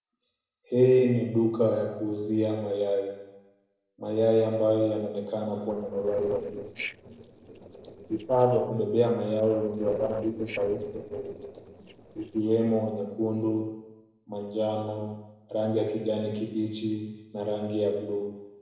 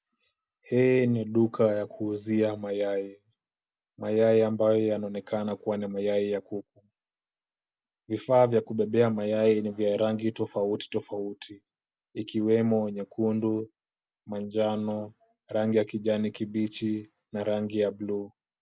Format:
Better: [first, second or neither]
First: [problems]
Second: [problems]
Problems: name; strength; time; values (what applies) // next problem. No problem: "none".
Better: second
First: noise reduction (neural separator model SepFormer DNS4)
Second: none